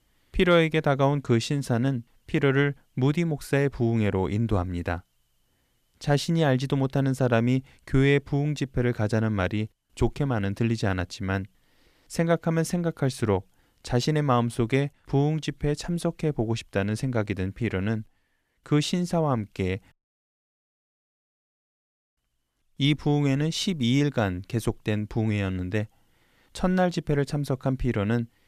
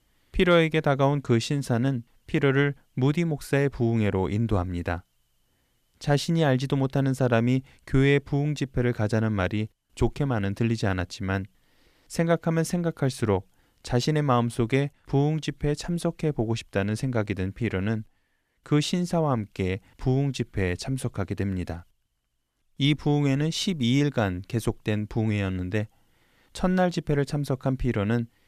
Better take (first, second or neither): second